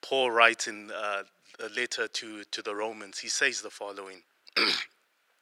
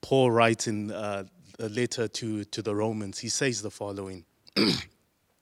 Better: second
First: thin; very; fading below 500 Hz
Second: none

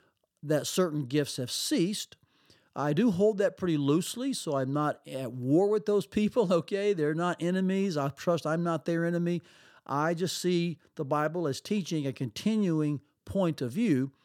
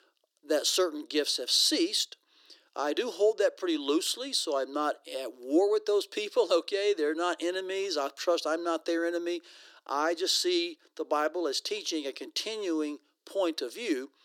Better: first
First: none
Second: thin; somewhat; fading below 300 Hz

